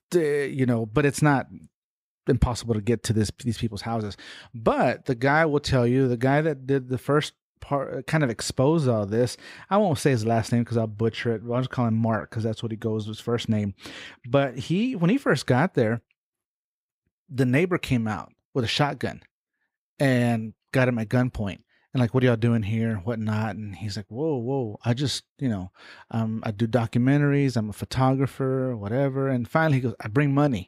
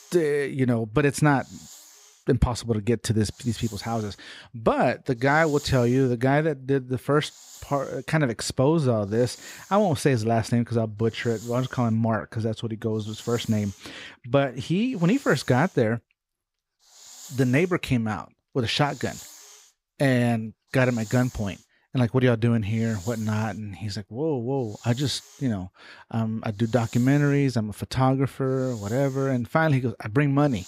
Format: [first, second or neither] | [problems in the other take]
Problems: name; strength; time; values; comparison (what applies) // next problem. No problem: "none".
first | hiss; faint; throughout; 20 dB below the speech